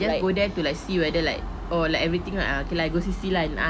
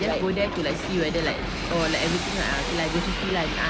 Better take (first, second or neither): first